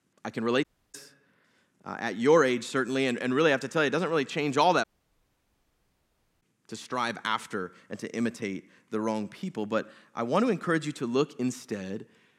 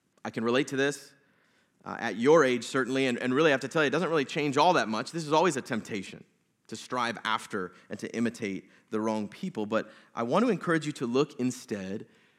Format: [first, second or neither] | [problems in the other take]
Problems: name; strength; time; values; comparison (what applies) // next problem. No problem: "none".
second | audio cutting out; at 0.5 s and at 5 s for 1.5 s